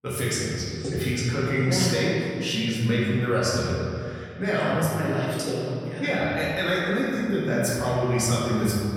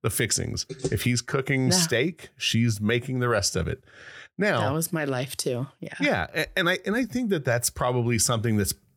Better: second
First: off-mic speech; far // room echo; strong; dies away in 2.2 s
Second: none

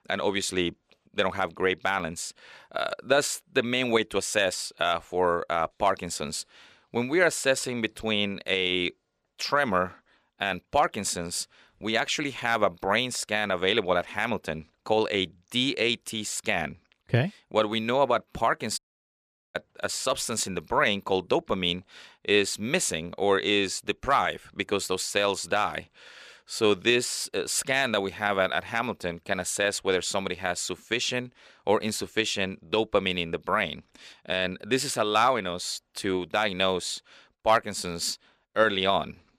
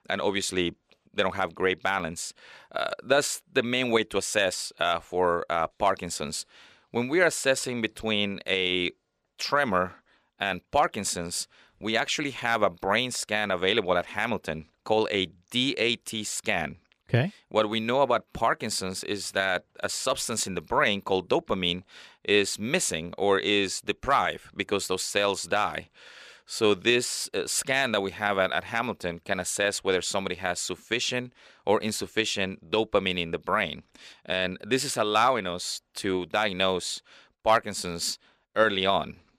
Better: second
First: audio cutting out; at 19 s for 1 s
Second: none

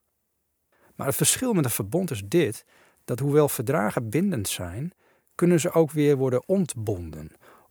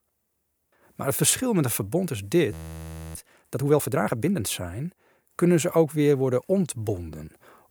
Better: first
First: none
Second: audio freezing; at 2.5 s for 0.5 s

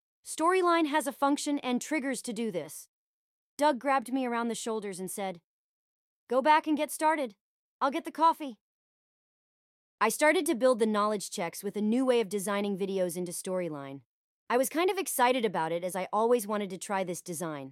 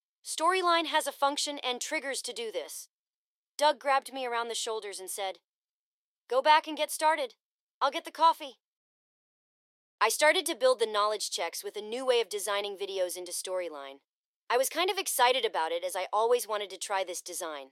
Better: first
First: none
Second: thin; very; fading below 400 Hz

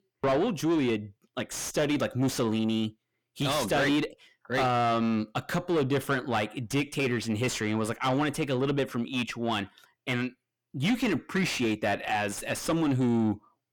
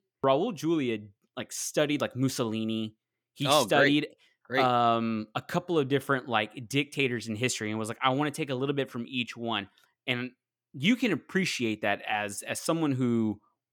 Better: second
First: distortion; heavy; 6 dB below the speech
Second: none

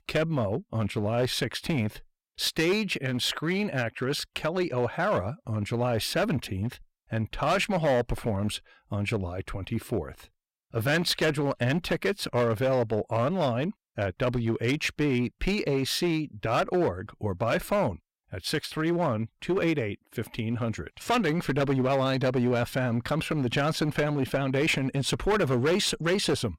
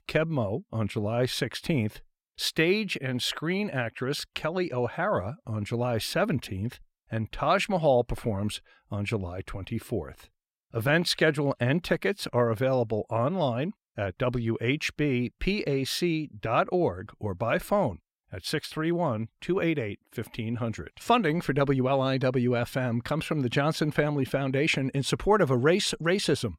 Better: second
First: distortion; slight; 8% of the sound clipped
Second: none

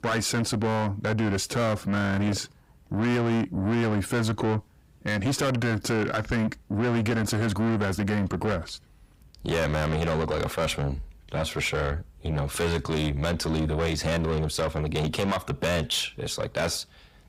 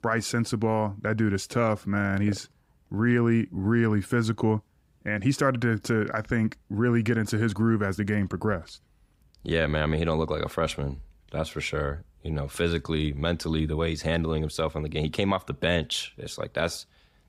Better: second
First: distortion; heavy; 6 dB below the speech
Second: none

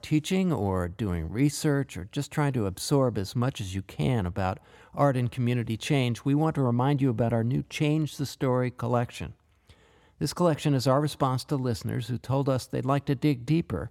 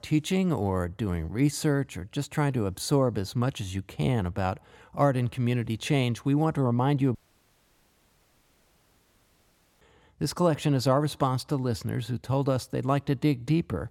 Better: first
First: none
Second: audio cutting out; at 7 s for 2.5 s

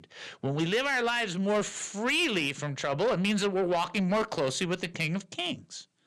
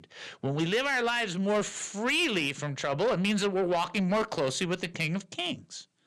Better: neither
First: distortion; slight; 10 dB below the speech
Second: distortion; slight; 10 dB below the speech

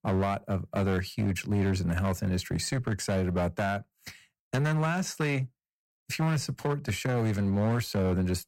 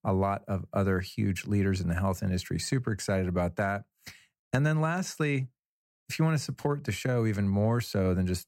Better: second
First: distortion; slight; 16% of the sound clipped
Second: none

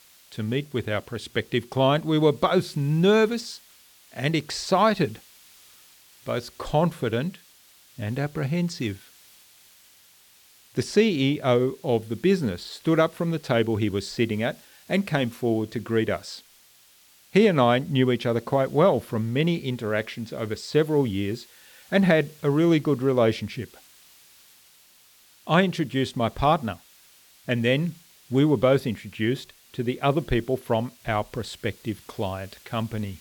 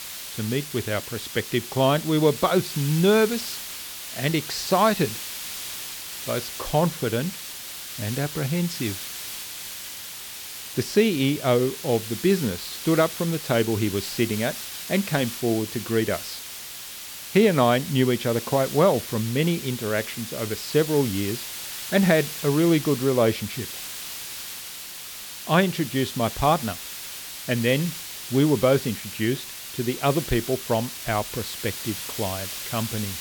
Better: first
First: hiss; faint; throughout; 25 dB below the speech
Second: hiss; loud; throughout; 9 dB below the speech

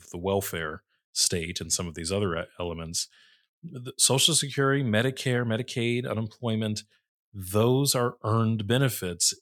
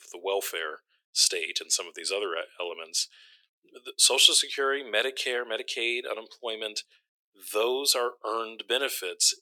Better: first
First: none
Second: thin; very; fading below 350 Hz

